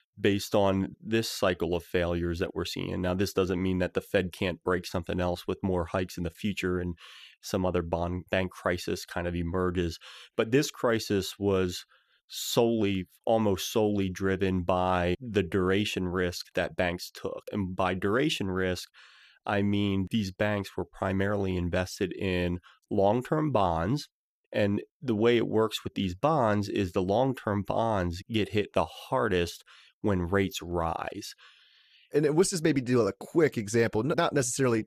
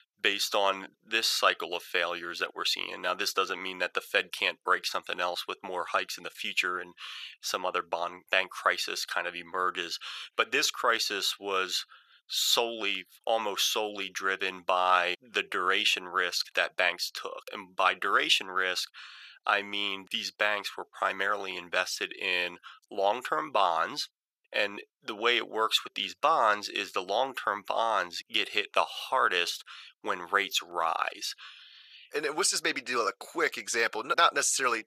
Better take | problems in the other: first | thin; very; fading below 750 Hz

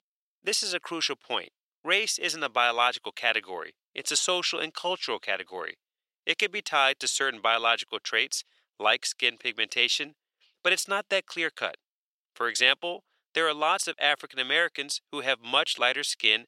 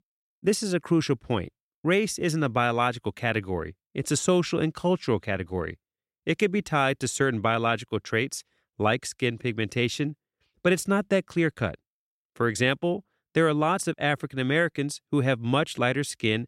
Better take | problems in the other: second | thin; very; fading below 700 Hz

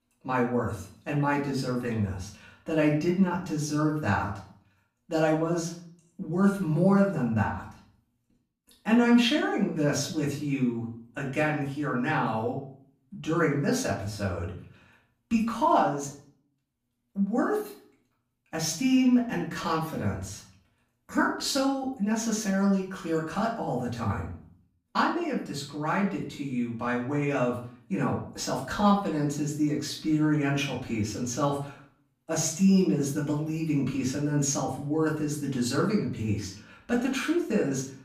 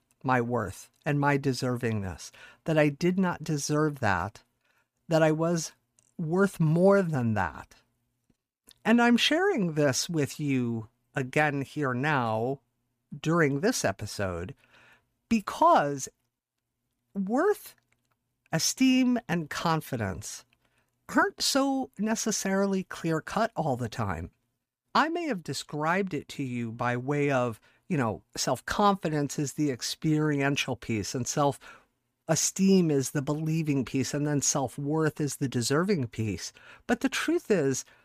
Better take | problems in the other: second | off-mic speech; far // room echo; slight; dies away in 0.4 s

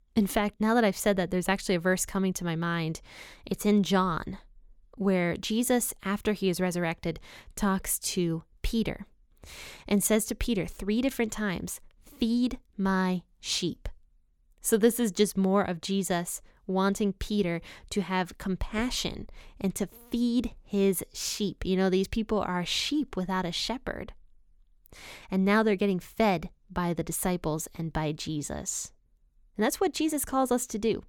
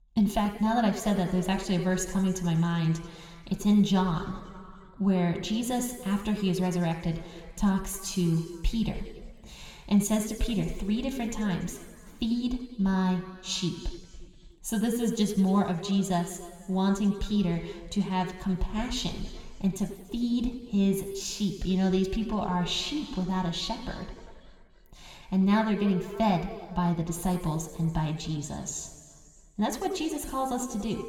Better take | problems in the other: first | room echo; slight; dies away in 2 s

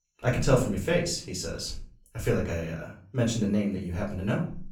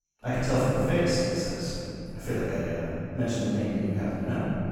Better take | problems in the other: first | room echo; strong; dies away in 3 s; slight in the first // off-mic speech; far; far in the first

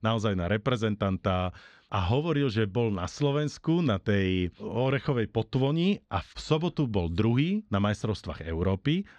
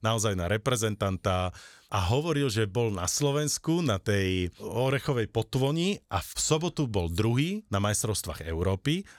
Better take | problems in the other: second | muffled; slightly; fading above 3.5 kHz

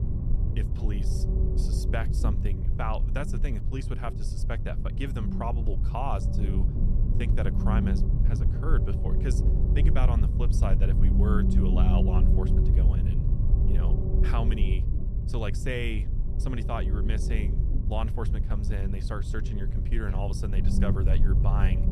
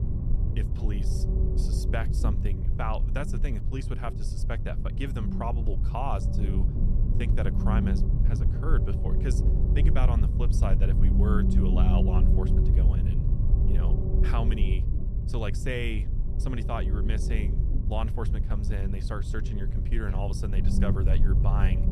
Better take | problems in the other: neither | low rumble; loud; throughout; 3 dB below the speech; the same in both

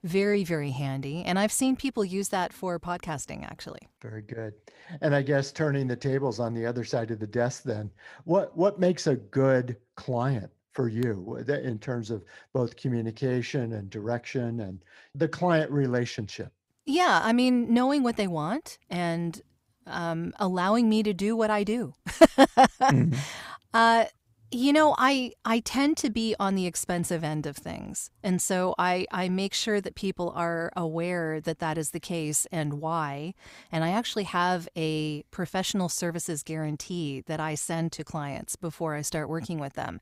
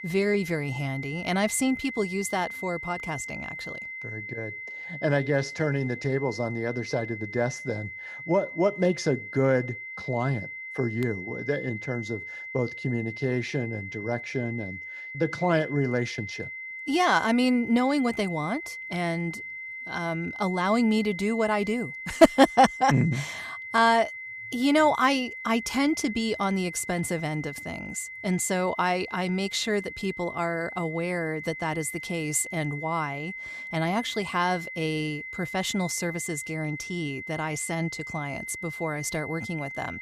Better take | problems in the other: first | high-pitched whine; loud; throughout; 2 kHz, 9 dB below the speech

